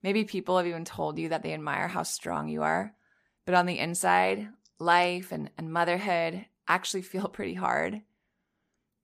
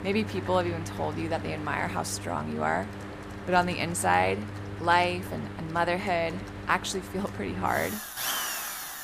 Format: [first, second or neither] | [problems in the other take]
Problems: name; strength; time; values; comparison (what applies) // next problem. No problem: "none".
first | machinery noise; loud; throughout; 8 dB below the speech